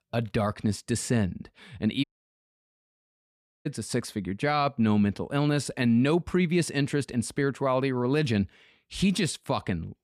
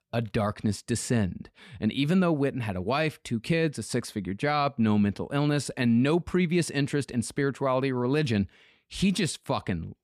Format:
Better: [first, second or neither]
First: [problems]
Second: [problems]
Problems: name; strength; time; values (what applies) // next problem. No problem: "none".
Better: second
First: audio cutting out; at 2 s for 1.5 s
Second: none